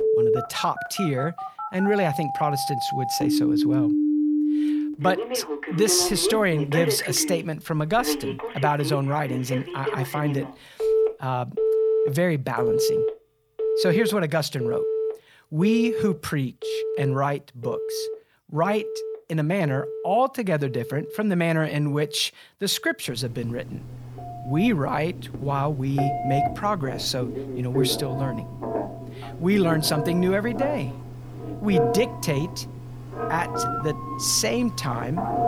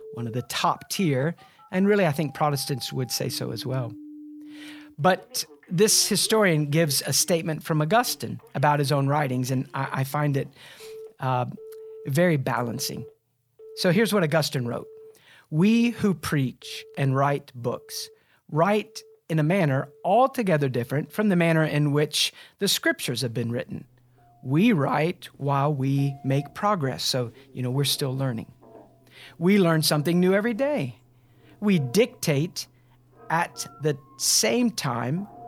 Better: second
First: alarms or sirens; loud; throughout; 2 dB below the speech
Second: alarms or sirens; faint; throughout; 25 dB below the speech

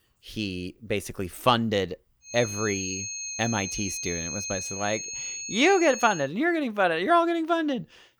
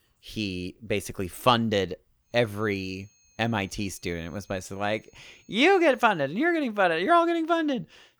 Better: second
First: high-pitched whine; loud; from 2.5 to 6 s; 6.5 kHz, 6 dB below the speech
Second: high-pitched whine; faint; from 2.5 to 6 s; 6.5 kHz, 35 dB below the speech

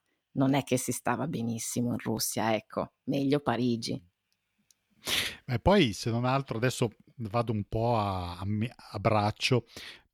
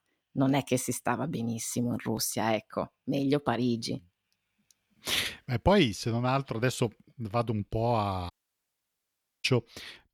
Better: first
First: none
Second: audio cutting out; at 8.5 s for 1 s

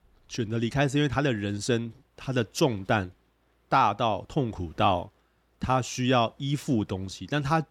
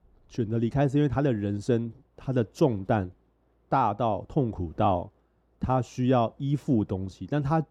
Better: first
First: none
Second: muffled; slightly; fading above 1 kHz

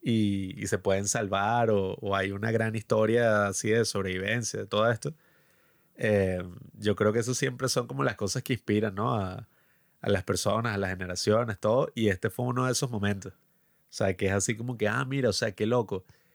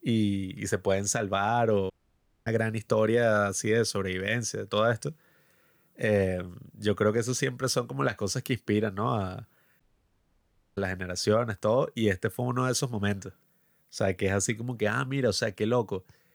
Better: first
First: none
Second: audio cutting out; at 2 s for 0.5 s and at 10 s for 1 s

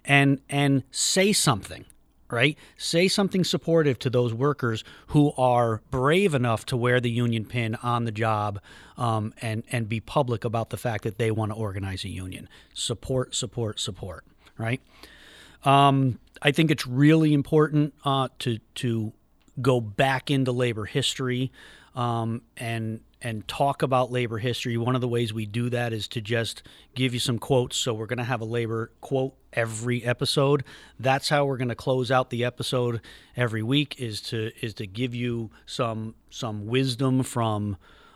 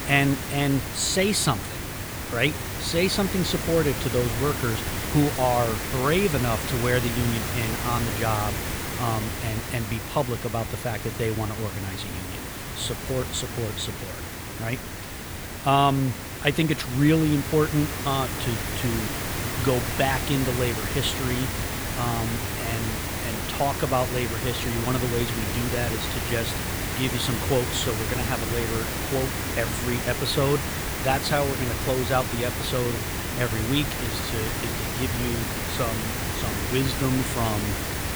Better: first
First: none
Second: hiss; loud; throughout; 2 dB below the speech

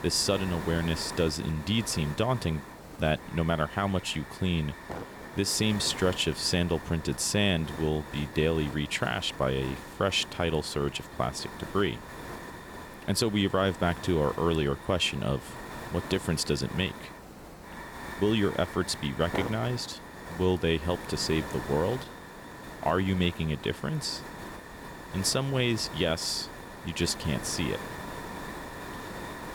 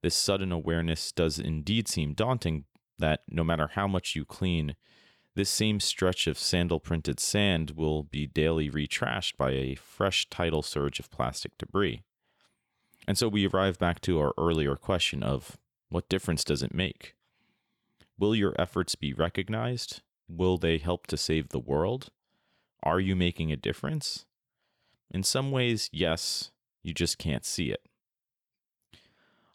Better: second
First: hiss; noticeable; throughout; 10 dB below the speech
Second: none

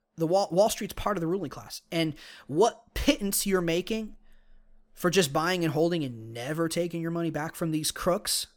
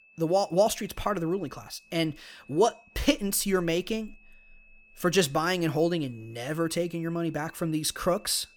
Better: first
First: none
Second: high-pitched whine; faint; throughout; 2.5 kHz, 30 dB below the speech

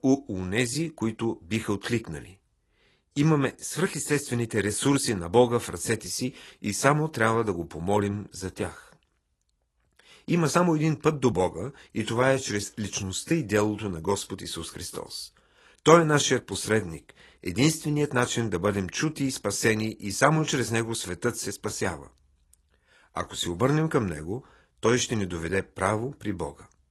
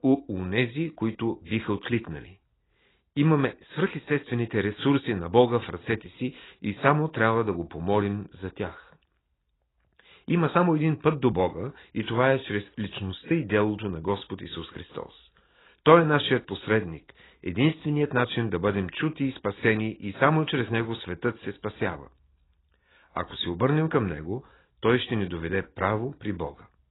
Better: first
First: garbled, watery; slightly; nothing above 11.5 kHz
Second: garbled, watery; badly; nothing above 4 kHz

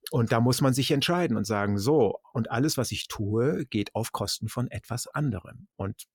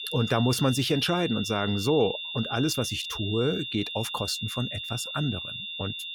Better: first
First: none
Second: high-pitched whine; loud; throughout; 3.5 kHz, 5 dB below the speech

